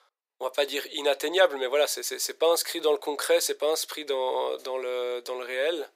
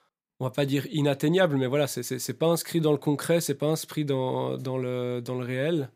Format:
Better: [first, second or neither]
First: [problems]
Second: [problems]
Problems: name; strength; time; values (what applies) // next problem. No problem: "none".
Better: second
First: thin; very; fading below 450 Hz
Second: none